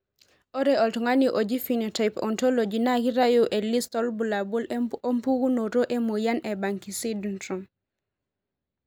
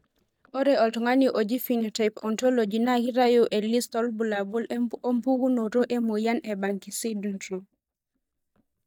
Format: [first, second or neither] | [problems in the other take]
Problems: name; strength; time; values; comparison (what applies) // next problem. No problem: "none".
first | noise reduction (neural mask model DeepFilterNet 3)